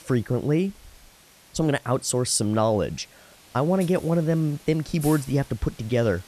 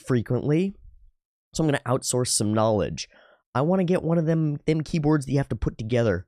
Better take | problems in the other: second | hiss; faint; throughout; 20 dB below the speech

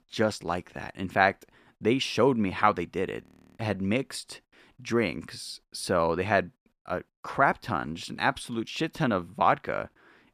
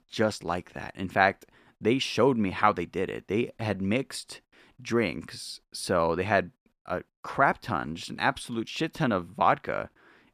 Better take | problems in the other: second | audio freezing; at 3 s

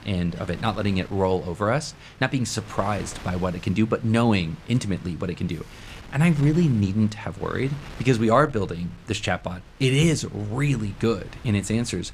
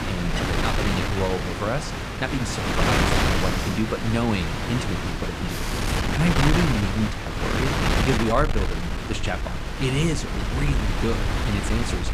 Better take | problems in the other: first | wind noise on the microphone; heavy; 3 dB above the speech; occasional gusts in the first

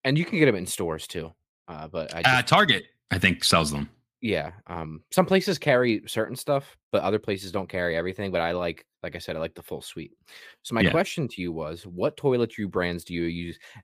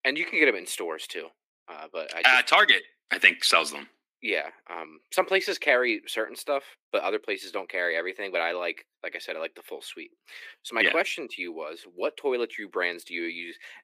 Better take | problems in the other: first | thin; very; fading below 300 Hz

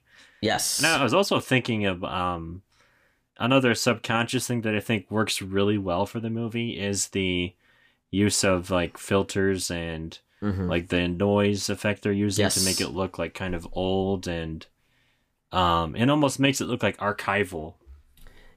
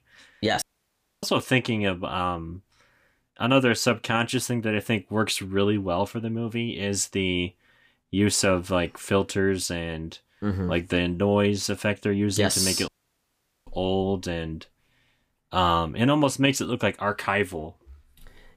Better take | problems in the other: first | audio cutting out; at 0.5 s for 0.5 s and at 13 s for 1 s

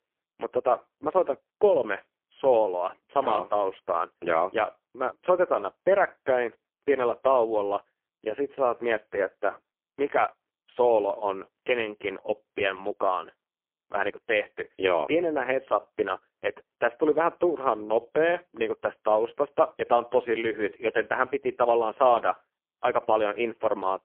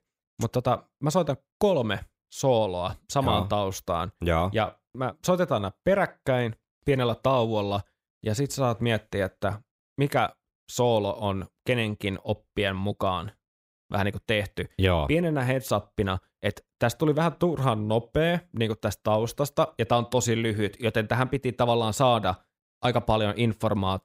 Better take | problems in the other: second | phone-call audio; poor line; nothing above 3.5 kHz

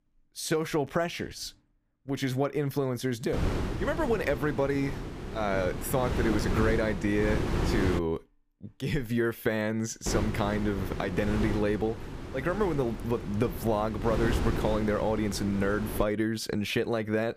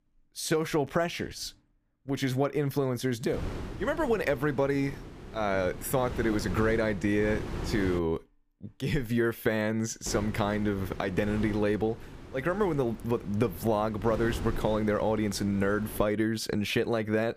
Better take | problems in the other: second | wind noise on the microphone; heavy; from 3.5 to 8 s and from 10 to 16 s; 7 dB below the speech; occasional gusts in the second

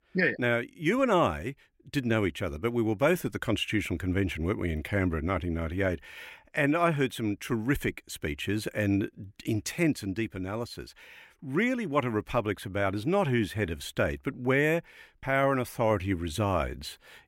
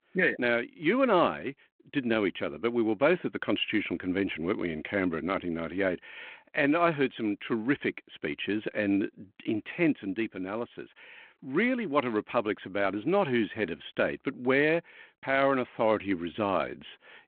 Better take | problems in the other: first | phone-call audio

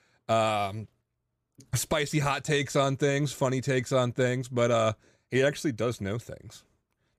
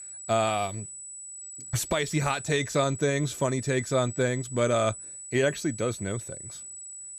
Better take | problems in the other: first | high-pitched whine; noticeable; throughout; 8 kHz, 10 dB below the speech

